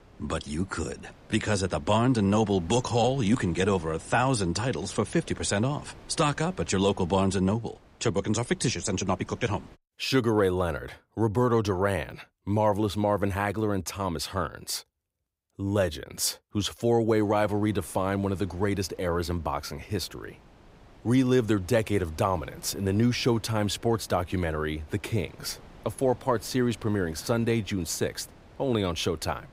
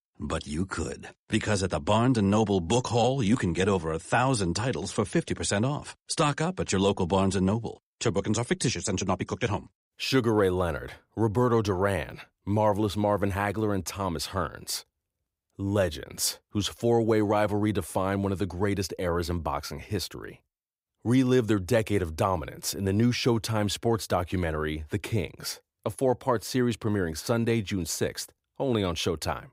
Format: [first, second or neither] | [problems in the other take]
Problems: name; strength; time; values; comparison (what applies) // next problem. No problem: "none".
second | wind noise on the microphone; occasional gusts; until 10 s and from 17 s on; 25 dB below the speech